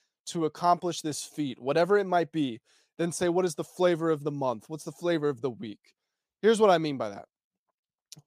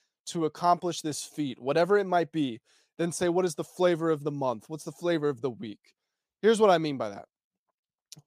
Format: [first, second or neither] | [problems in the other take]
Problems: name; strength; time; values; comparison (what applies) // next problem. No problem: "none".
neither | none